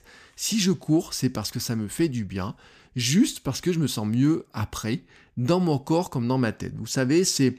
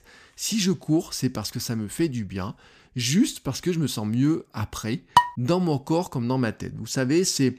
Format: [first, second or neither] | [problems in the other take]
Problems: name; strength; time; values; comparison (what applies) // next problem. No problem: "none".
first | clattering dishes; loud; at 5 s; peak 5 dB above the speech